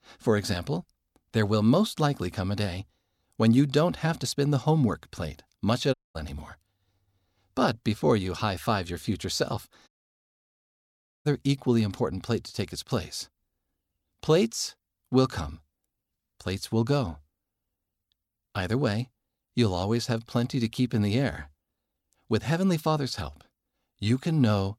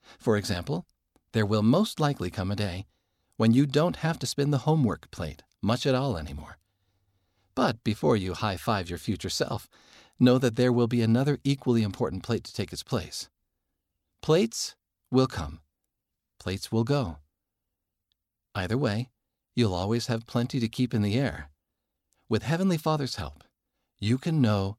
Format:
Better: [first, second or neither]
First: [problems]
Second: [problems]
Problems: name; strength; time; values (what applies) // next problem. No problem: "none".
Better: second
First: audio cutting out; at 6 s and at 10 s for 1.5 s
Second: none